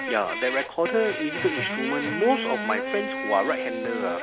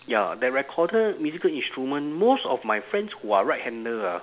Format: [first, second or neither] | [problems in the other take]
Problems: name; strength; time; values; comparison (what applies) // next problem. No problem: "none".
second | background sound (Fart); 4 dB below the speech